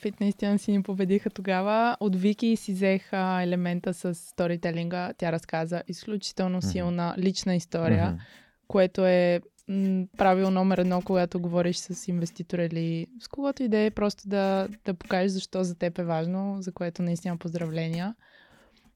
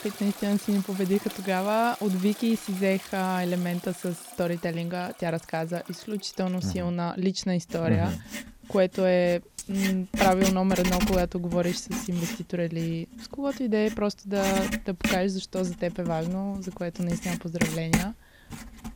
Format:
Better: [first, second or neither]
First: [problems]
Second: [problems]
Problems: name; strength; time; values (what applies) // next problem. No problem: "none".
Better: first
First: household noises; faint; throughout; 30 dB below the speech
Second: household noises; loud; throughout; 6 dB below the speech